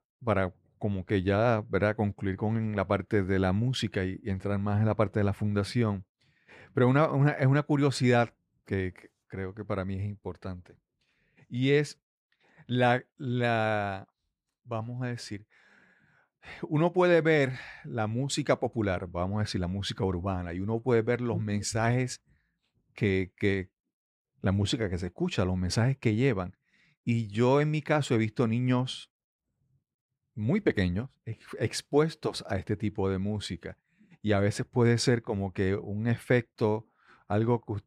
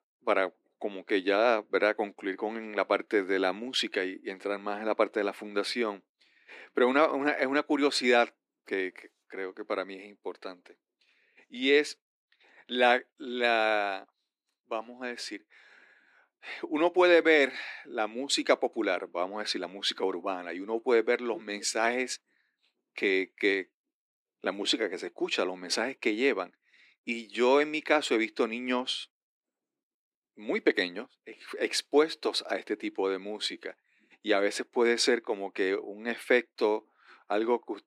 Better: first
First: none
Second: thin; somewhat; fading below 300 Hz

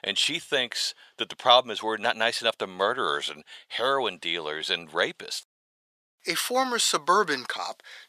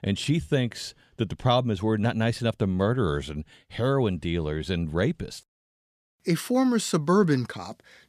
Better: second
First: thin; very; fading below 800 Hz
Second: none

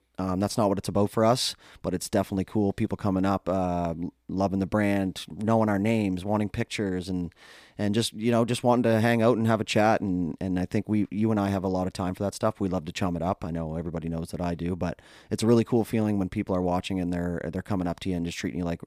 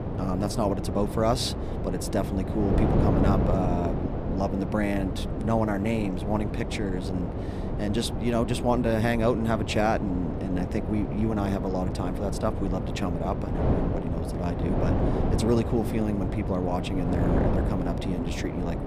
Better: first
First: none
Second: wind noise on the microphone; heavy; 4 dB below the speech

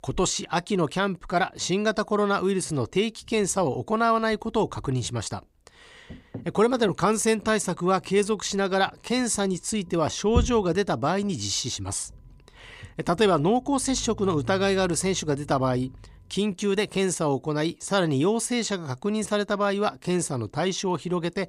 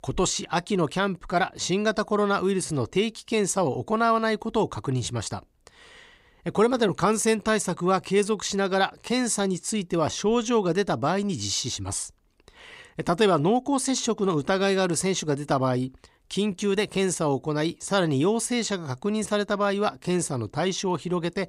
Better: second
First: low rumble; faint; from 3 to 16 s; 25 dB below the speech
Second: none

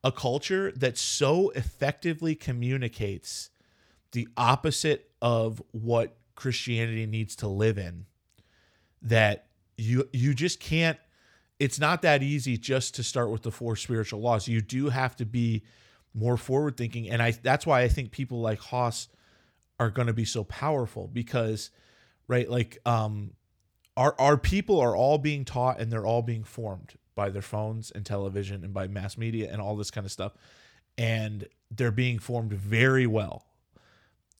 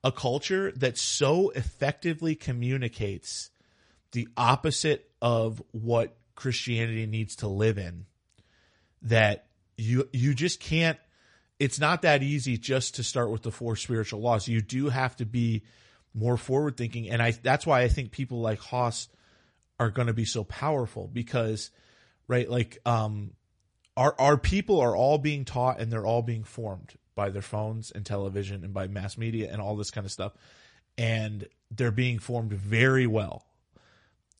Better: first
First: none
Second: garbled, watery; slightly; nothing above 9.5 kHz

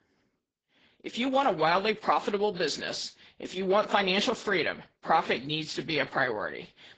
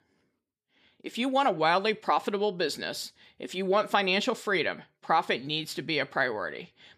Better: second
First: garbled, watery; badly; nothing above 7.5 kHz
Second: none

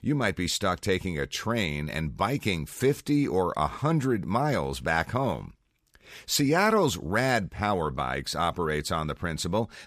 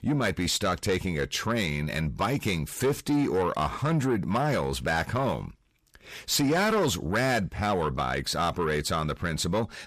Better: first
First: none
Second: distortion; slight; 10 dB below the speech

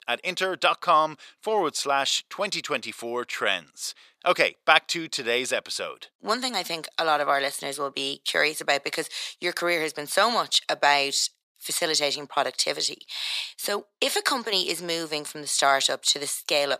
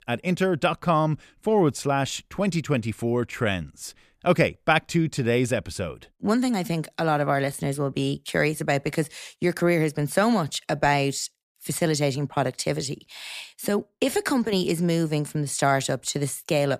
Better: second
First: thin; very; fading below 550 Hz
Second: none

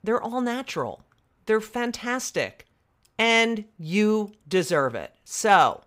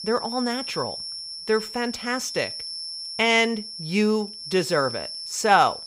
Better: first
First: none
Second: high-pitched whine; loud; throughout; 5.5 kHz, 8 dB below the speech

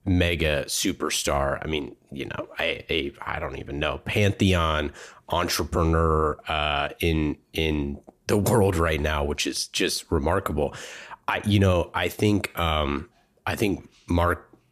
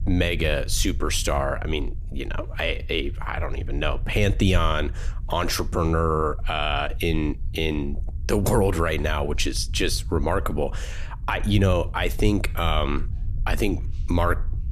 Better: first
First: none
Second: low rumble; faint; throughout; 25 dB below the speech

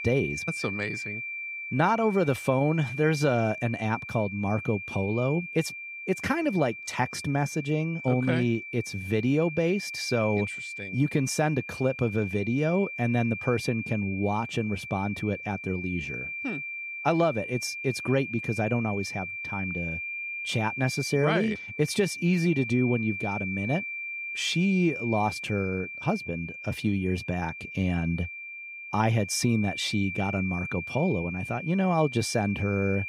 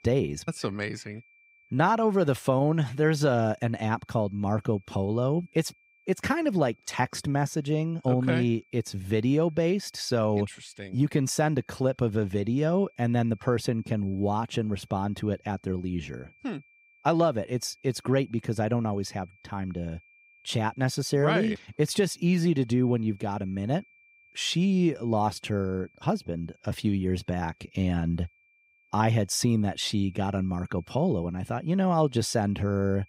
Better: second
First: high-pitched whine; loud; throughout; 2.5 kHz, 7 dB below the speech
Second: high-pitched whine; faint; throughout; 2.5 kHz, 30 dB below the speech

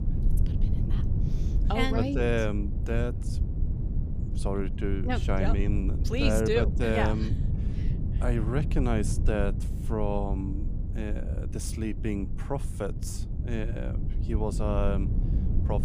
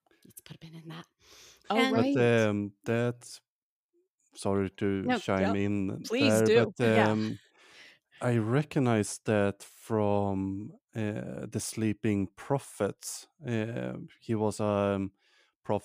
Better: second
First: low rumble; noticeable; throughout; 10 dB below the speech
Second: none

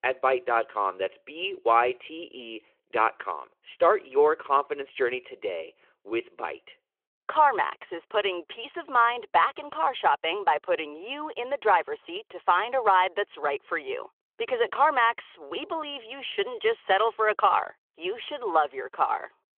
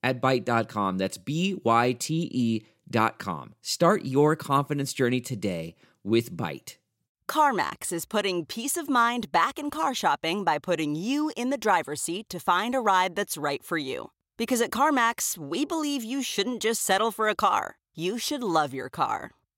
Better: second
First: phone-call audio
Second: none

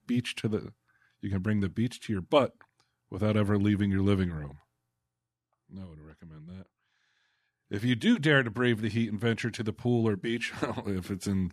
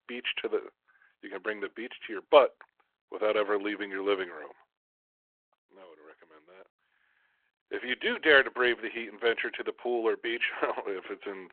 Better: first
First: none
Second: phone-call audio

